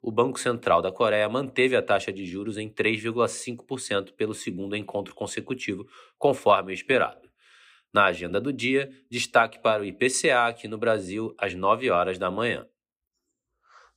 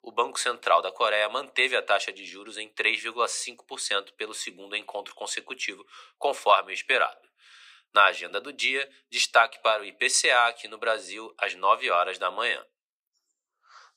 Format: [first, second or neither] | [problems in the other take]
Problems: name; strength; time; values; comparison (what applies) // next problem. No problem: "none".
first | thin; very; fading below 800 Hz